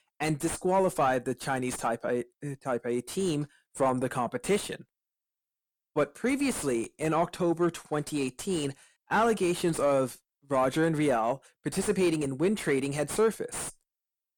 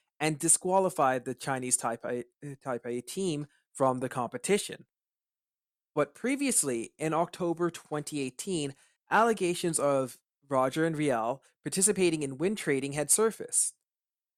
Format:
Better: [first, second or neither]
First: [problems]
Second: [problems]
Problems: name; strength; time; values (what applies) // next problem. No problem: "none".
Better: second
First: distortion; heavy; 6 dB below the speech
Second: none